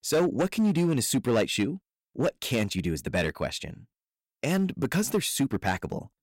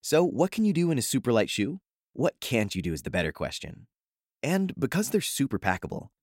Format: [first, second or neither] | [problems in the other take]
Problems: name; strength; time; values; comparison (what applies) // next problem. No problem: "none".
second | distortion; slight; 6% of the sound clipped